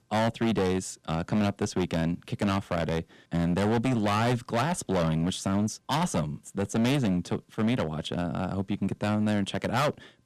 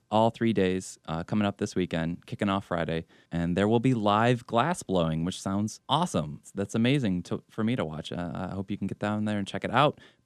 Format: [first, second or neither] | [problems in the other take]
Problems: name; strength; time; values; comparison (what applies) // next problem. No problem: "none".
second | distortion; heavy; 13% of the sound clipped